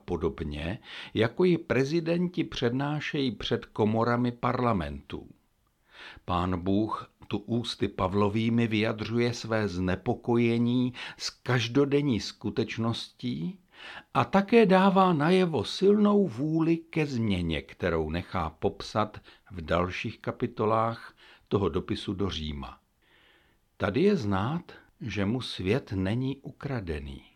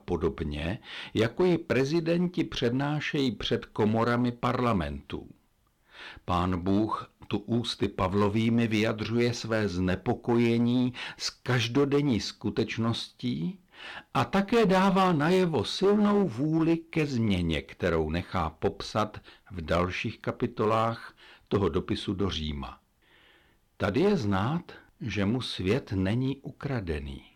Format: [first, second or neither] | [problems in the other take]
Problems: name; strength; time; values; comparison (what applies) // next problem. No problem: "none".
first | distortion; slight; 5% of the sound clipped